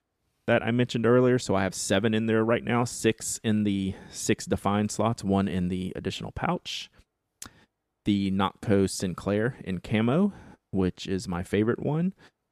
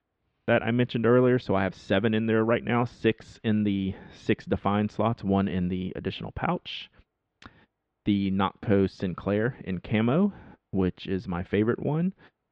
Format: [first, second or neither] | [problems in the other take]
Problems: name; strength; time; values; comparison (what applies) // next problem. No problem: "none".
first | muffled; very; fading above 3.5 kHz